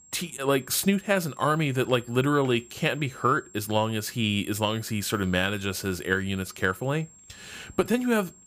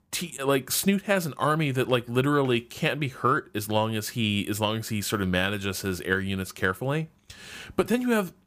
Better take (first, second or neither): second